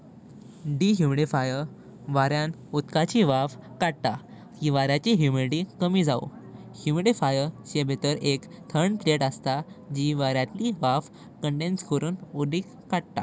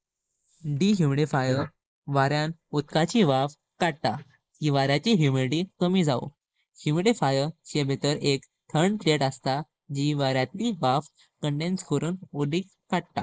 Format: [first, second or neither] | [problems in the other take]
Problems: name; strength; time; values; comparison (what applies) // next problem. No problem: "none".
first | noise reduction (neural mask model Resemble Enhance denoiser)